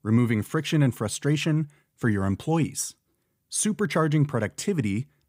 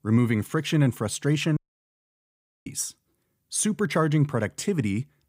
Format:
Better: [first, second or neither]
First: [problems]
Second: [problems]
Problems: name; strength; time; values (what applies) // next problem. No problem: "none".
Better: first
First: none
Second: audio cutting out; at 1.5 s for 1 s